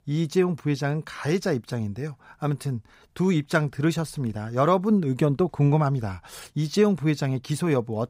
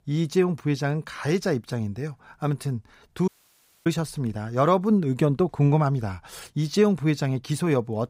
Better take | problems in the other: first | audio cutting out; at 3.5 s for 0.5 s

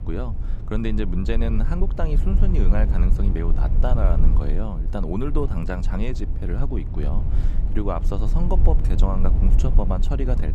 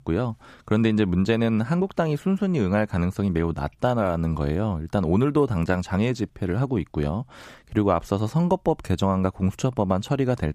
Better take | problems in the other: second | low rumble; loud; throughout; 9 dB below the speech

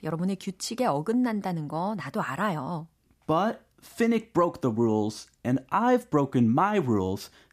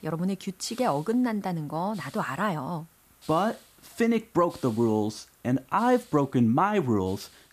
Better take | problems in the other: first | hiss; faint; throughout; 25 dB below the speech

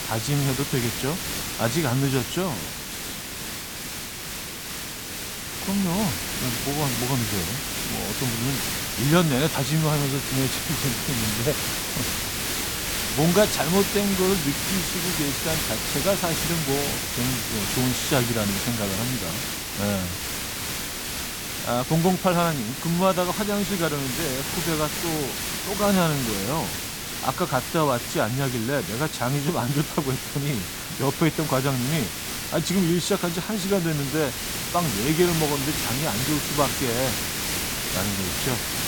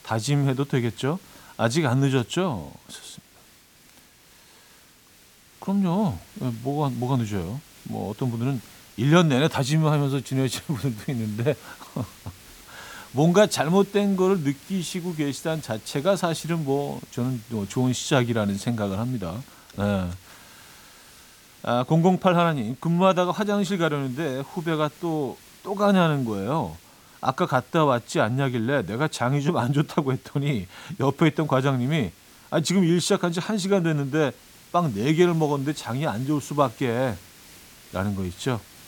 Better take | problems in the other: second | hiss; loud; throughout; 1 dB below the speech; faint in the second

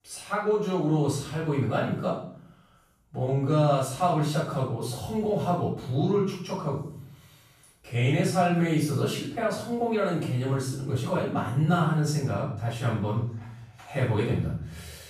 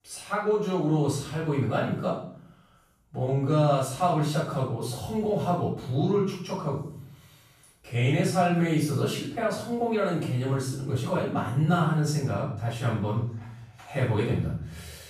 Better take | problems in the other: neither | room echo; noticeable; dies away in 0.6 s; the same in both // off-mic speech; far; the same in both

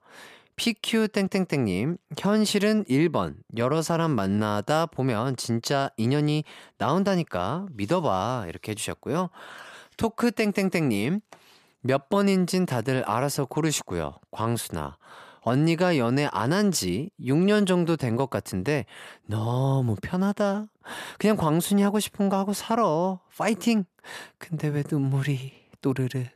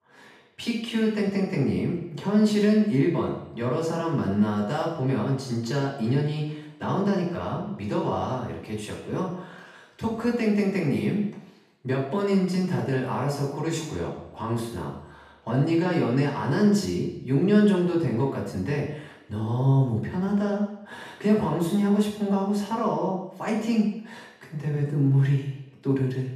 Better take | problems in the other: first | room echo; noticeable; dies away in 0.8 s // off-mic speech; far

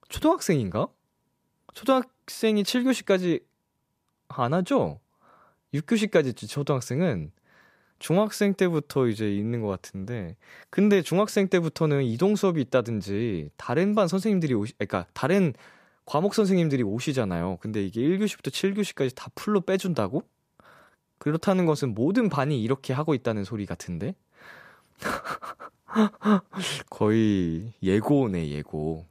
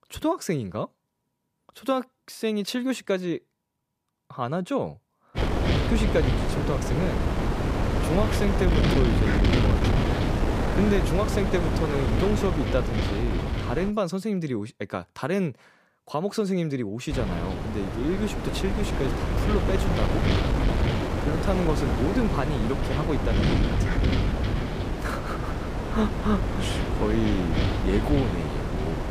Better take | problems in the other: first | wind noise on the microphone; heavy; from 5.5 to 14 s and from 17 s on; as loud as the speech

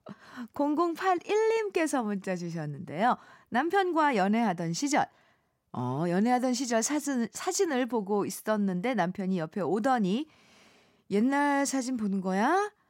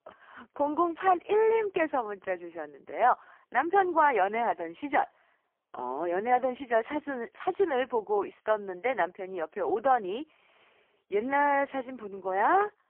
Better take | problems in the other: first | phone-call audio; poor line; nothing above 3 kHz

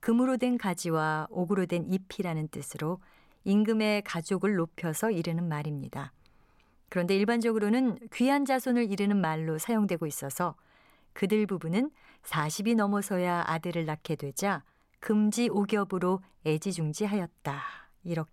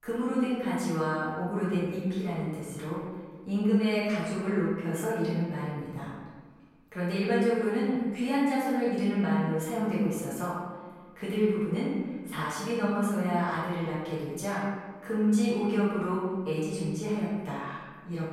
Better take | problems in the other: first | room echo; strong; dies away in 1.3 s // off-mic speech; far

